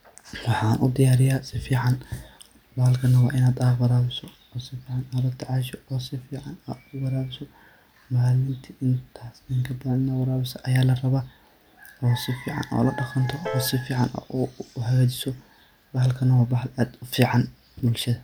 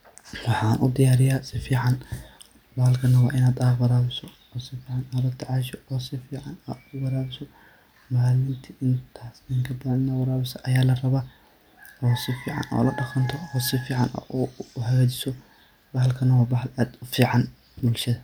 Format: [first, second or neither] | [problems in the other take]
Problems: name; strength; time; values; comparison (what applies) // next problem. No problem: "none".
second | background sound (Piano); 15 dB below the speech